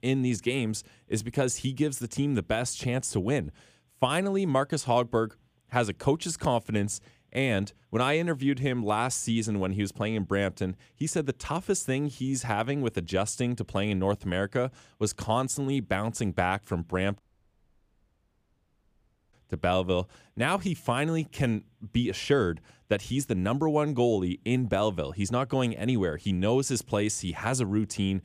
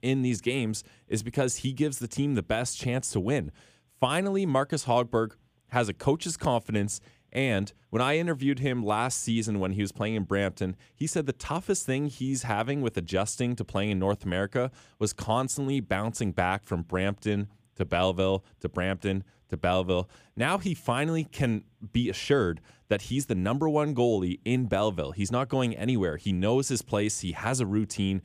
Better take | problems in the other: second | audio cutting out; at 17 s for 2 s

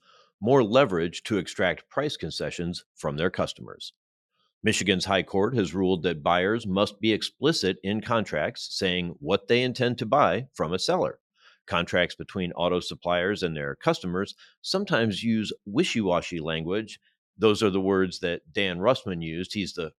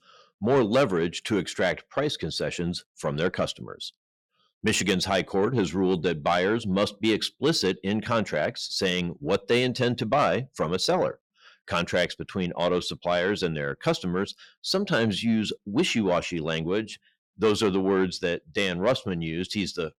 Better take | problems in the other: first | distortion; slight; 10 dB below the speech

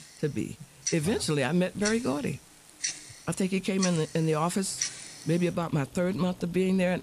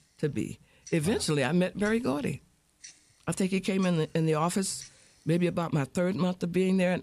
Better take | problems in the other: second | household noises; loud; throughout; 7 dB below the speech; faint in the second

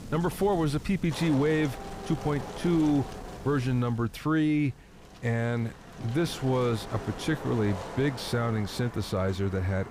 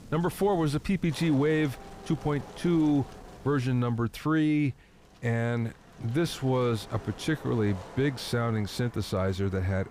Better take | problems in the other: second | wind noise on the microphone; heavy; 10 dB below the speech; occasional gusts in the second

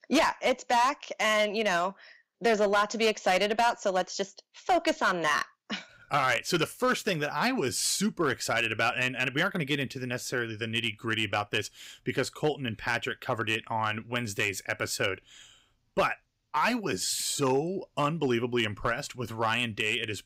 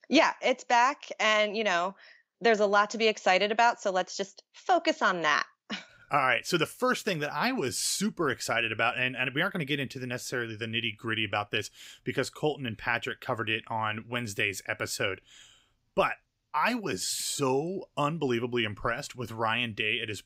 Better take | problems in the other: second | distortion; slight; 3% of the sound clipped

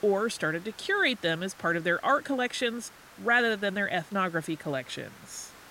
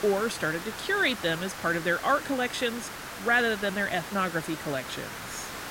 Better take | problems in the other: first | hiss; loud; throughout; 10 dB below the speech; faint in the first

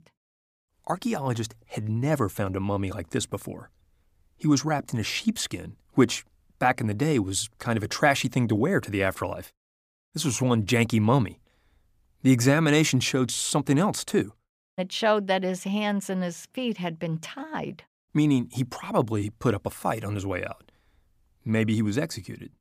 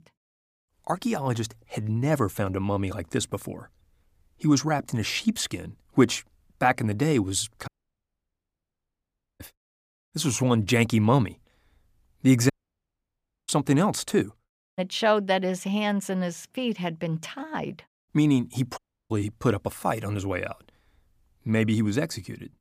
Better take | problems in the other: first | audio cutting out; at 7.5 s for 1.5 s, at 13 s for 1 s and at 19 s

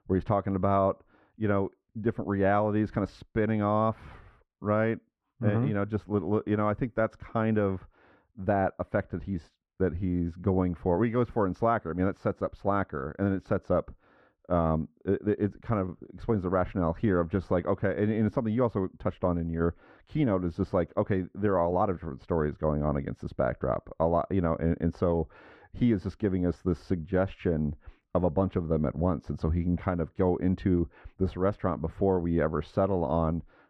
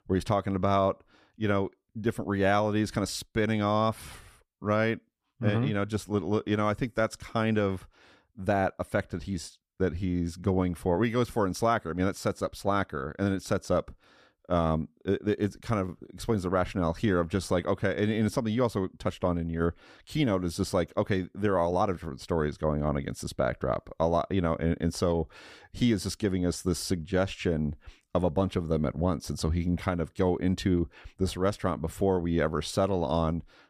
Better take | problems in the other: second | muffled; very; fading above 4 kHz

